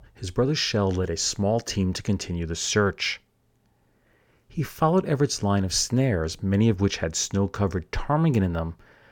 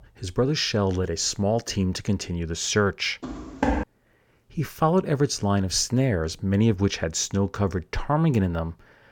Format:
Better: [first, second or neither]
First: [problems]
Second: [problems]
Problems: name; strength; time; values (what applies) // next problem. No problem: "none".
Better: first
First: none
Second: footsteps; noticeable; at 3 s; peak 1 dB below the speech